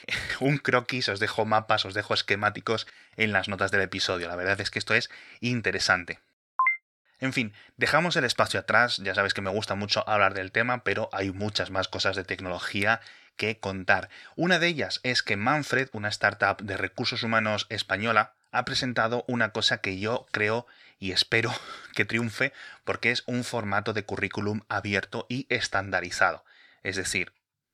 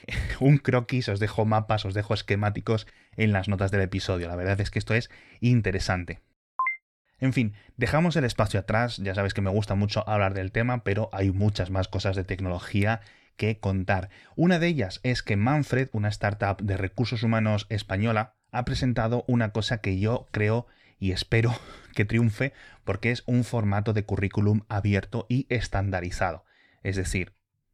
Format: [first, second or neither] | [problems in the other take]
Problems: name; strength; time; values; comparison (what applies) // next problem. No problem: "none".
second | thin; somewhat; fading below 1 kHz